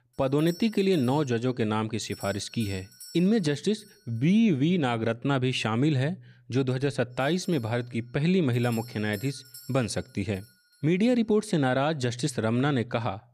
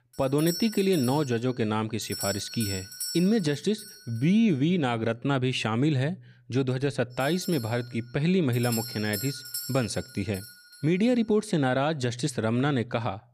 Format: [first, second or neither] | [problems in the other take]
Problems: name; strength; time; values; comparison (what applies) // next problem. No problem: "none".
first | alarms or sirens; loud; throughout; 10 dB below the speech; faint in the first